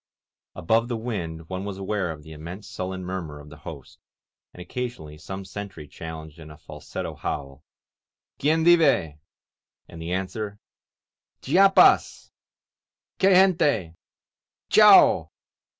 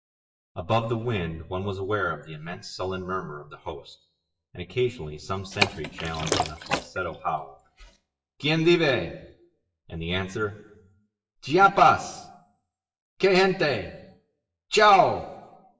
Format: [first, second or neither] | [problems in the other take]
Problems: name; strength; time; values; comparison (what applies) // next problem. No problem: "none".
first | noise reduction (classical method WPE with log-MMSE)